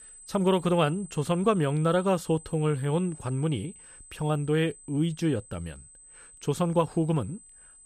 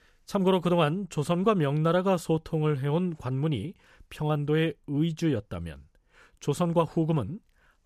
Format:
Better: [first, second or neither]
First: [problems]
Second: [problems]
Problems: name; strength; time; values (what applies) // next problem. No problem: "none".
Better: second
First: high-pitched whine; noticeable; throughout; 8 kHz, 20 dB below the speech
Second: none